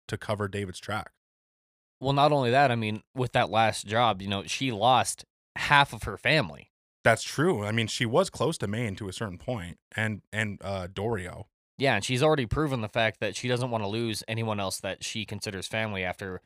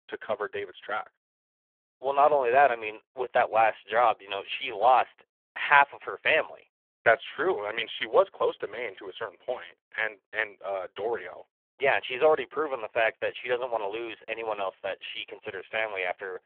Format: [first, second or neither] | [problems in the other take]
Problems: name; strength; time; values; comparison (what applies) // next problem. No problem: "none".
first | phone-call audio; poor line